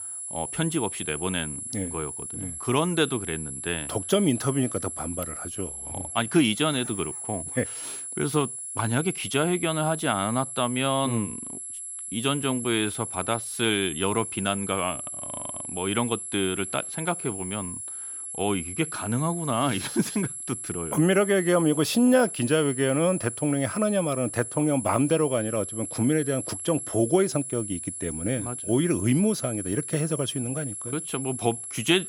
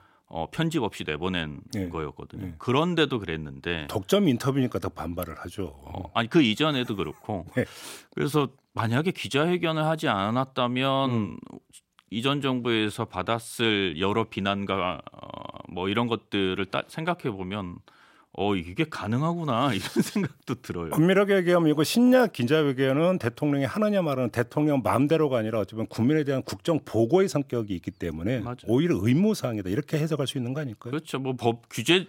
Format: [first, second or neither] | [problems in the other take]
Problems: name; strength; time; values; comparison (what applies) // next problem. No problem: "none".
second | high-pitched whine; loud; throughout; 11 kHz, 6 dB below the speech